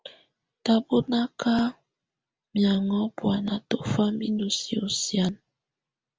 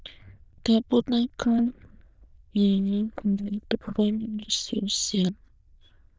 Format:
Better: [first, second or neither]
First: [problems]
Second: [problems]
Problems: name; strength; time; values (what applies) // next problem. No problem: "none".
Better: first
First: none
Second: noise reduction (neural diffusion model UNIVERSE++)